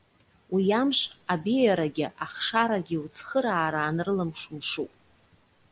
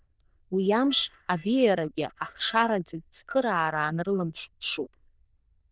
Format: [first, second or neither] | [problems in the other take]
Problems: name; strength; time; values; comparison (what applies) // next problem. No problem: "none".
first | noise reduction (neural diffusion model UNIVERSE++)